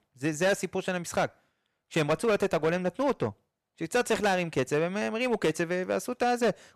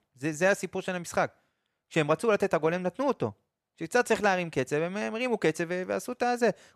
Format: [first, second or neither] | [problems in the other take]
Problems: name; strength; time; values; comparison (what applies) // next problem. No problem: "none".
second | distortion; slight; 7% of the sound clipped